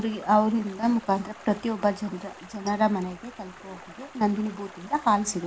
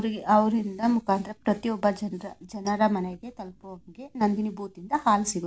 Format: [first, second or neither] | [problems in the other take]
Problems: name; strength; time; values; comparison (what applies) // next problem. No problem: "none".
second | background sound (Stream); 19 dB below the speech